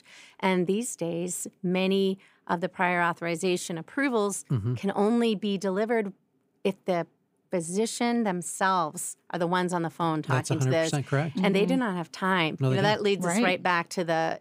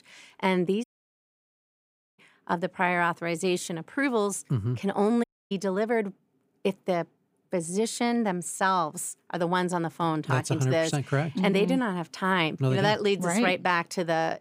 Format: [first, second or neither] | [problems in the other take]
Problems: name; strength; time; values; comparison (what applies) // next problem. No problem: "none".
first | audio cutting out; at 1 s for 1.5 s and at 5 s